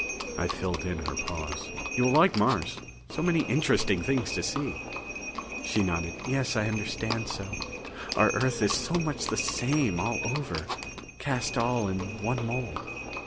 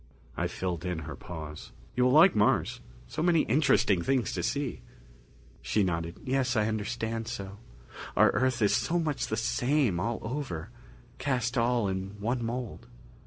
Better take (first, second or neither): second